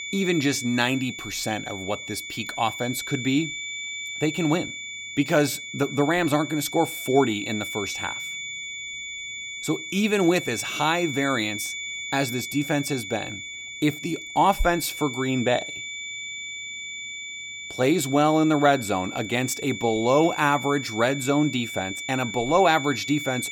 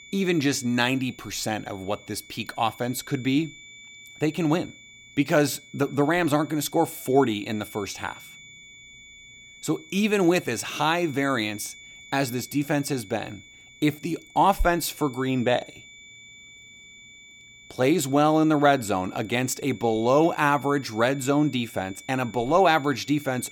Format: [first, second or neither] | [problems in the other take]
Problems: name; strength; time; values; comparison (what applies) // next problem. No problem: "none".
second | high-pitched whine; loud; throughout; 2.5 kHz, 8 dB below the speech; faint in the second